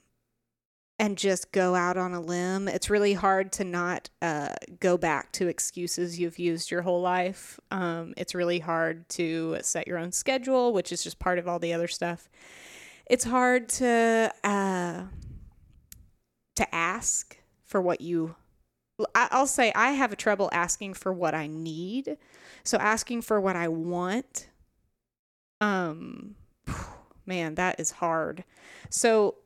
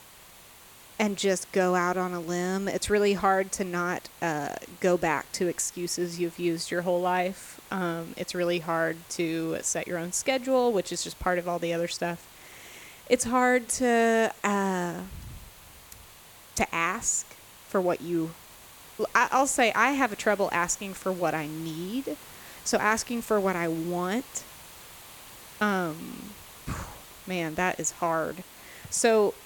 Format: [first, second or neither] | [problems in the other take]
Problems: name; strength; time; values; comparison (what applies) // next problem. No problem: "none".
first | hiss; noticeable; throughout; 20 dB below the speech